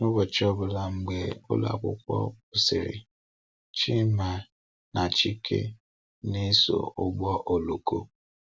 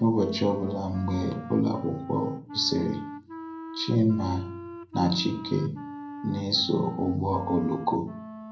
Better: first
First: none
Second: background sound (Wind instrument, woodwind instrument); 13 dB below the speech // room echo; dies away in 0.5 s

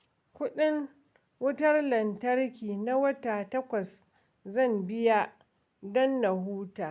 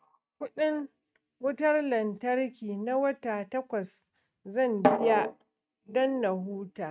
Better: first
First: none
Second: noise reduction (neural mask model RNNoise)

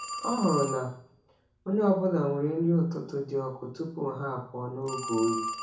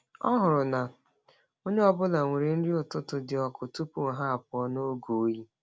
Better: second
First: background sound (Telephone); 11 dB below the speech // room echo; dies away in 0.7 s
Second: none

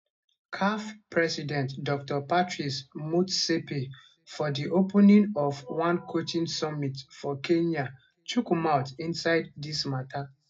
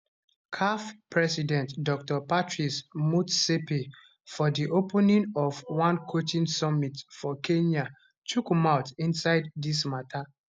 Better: second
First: room echo; dies away in 0.2 s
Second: none

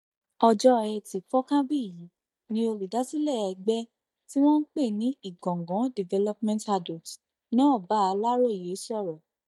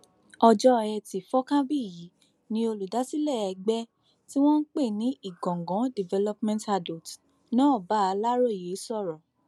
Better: second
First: noise reduction (neural mask model DeepFilterNet 3)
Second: none

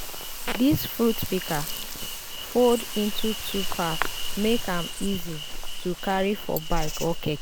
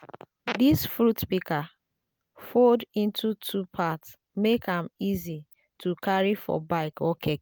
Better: second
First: background sound (Insect); 3 dB below the speech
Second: none

